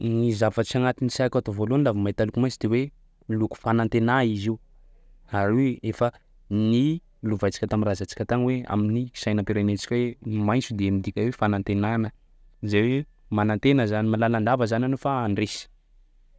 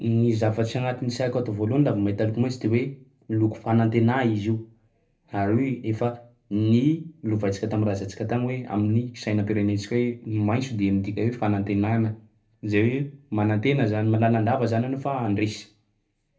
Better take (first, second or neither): first